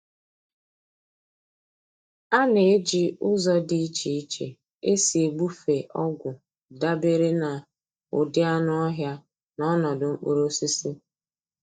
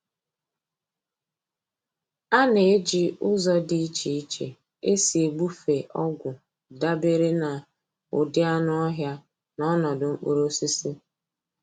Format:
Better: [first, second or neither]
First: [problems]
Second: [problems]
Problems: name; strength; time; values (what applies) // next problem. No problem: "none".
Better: second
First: noise reduction (neural mask model DeepFilterNet 3)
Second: none